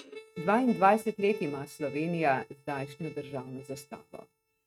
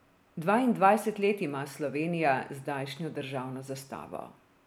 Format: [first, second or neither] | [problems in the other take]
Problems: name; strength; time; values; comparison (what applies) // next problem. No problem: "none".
second | noise reduction (neural mask model RNNoise)